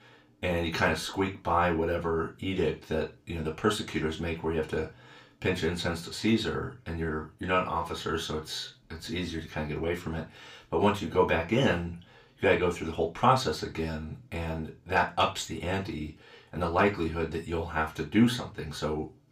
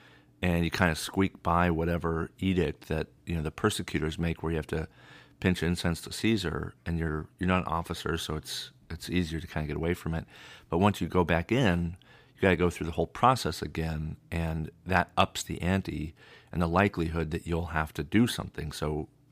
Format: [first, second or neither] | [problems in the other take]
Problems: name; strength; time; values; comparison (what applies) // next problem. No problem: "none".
second | room echo; slight; dies away in 0.2 s // off-mic speech; far